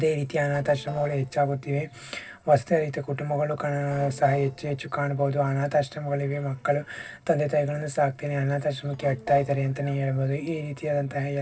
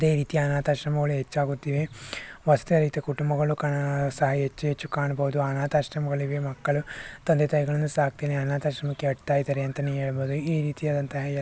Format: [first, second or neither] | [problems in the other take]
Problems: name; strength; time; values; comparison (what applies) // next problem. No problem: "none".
second | noise reduction (neural separator model SepFormer DNS4)